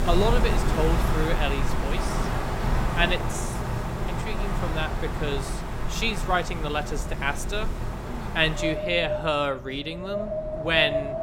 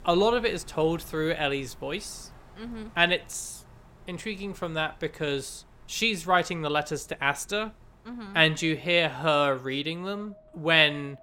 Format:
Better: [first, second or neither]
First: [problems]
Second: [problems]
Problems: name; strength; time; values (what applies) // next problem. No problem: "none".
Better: second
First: wind in the background; loud; throughout; 1 dB below the speech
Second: wind in the background; faint; throughout; 25 dB below the speech